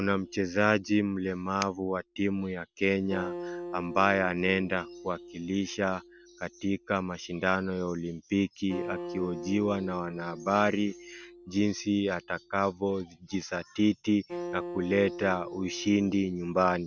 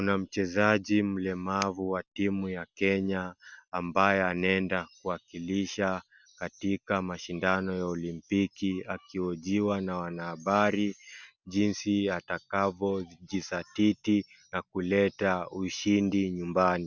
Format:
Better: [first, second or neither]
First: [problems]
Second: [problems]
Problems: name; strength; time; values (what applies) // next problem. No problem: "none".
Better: second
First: background sound (Acoustic guitar); 13 dB below the speech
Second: none